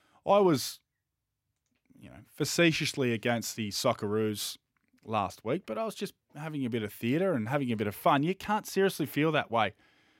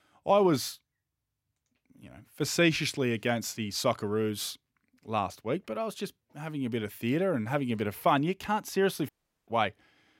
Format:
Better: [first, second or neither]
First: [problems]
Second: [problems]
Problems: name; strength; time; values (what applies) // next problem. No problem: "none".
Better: first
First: none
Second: audio cutting out; at 9 s